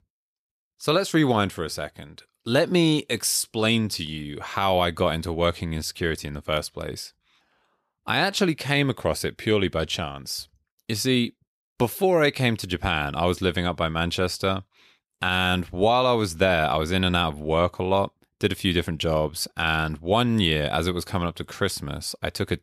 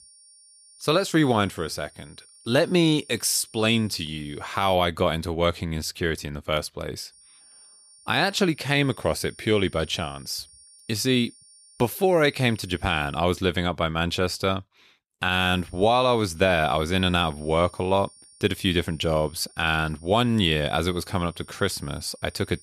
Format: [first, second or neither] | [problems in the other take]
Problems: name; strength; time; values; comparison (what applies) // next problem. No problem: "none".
first | high-pitched whine; faint; until 5 s, from 7 to 13 s and from 15 s on; 9 kHz, 25 dB below the speech